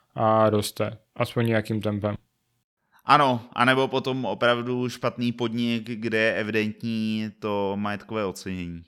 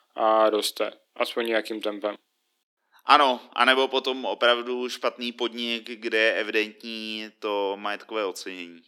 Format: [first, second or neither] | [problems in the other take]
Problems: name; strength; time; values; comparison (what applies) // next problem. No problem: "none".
first | thin; somewhat; fading below 300 Hz